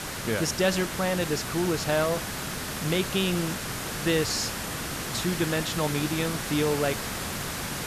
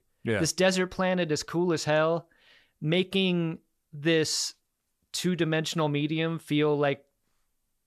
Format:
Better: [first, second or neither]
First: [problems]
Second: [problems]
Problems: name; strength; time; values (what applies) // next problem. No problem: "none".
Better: second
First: hiss; loud; throughout; 4 dB below the speech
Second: none